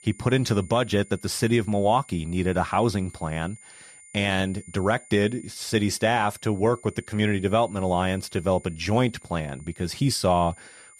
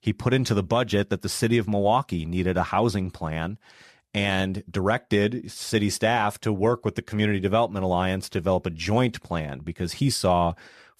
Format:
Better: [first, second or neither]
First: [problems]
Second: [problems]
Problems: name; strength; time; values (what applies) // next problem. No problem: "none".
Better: second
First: high-pitched whine; faint; throughout; 9 kHz, 20 dB below the speech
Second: none